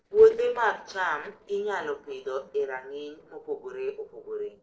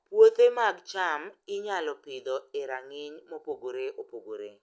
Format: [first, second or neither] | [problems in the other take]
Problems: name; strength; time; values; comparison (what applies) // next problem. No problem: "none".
second | noise reduction (neural separator model SepFormer DNS4)